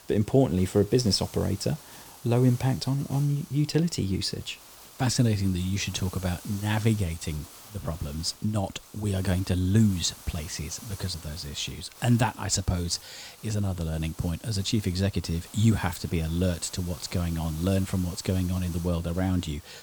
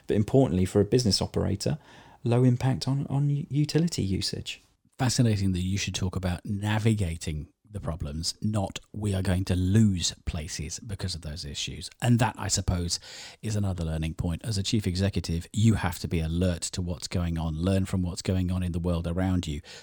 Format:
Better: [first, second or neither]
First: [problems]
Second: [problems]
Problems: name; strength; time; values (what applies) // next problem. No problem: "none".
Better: second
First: hiss; noticeable; throughout; 20 dB below the speech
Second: none